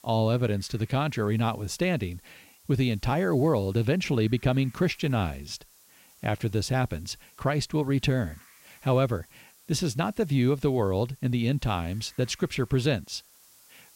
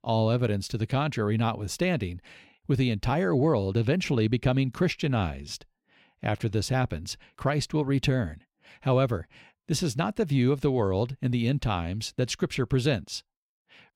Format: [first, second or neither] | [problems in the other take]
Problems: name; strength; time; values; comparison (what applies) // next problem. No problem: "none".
second | hiss; faint; throughout; 25 dB below the speech